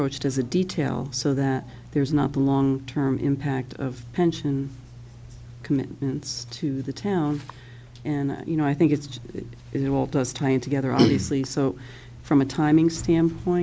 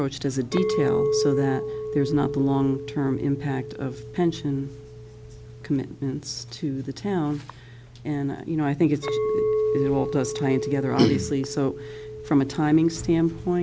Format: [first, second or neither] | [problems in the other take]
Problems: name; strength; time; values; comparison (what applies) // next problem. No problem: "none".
first | background sound (Chink, clink); 5 dB below the speech